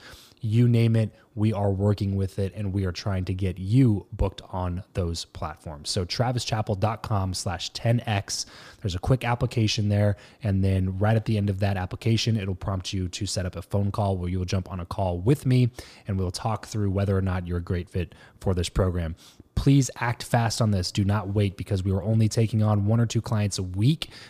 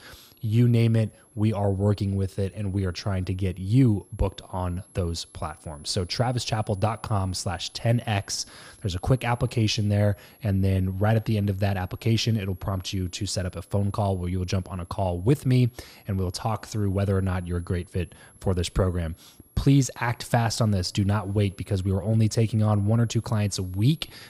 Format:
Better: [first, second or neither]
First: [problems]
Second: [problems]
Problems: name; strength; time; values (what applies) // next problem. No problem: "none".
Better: first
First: none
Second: high-pitched whine; faint; throughout; 11 kHz, 30 dB below the speech